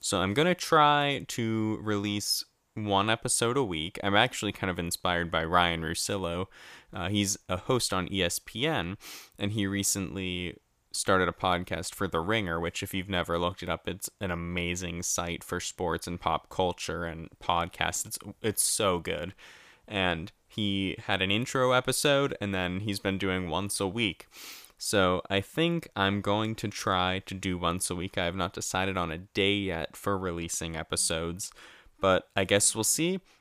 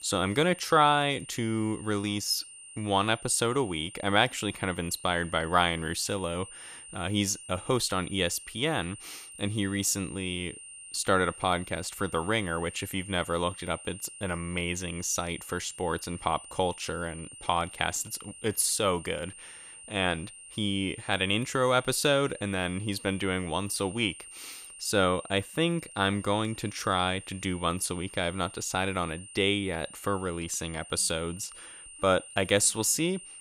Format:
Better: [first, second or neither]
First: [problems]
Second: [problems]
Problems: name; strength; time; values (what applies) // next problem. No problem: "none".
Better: first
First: none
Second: high-pitched whine; noticeable; throughout; 9 kHz, 15 dB below the speech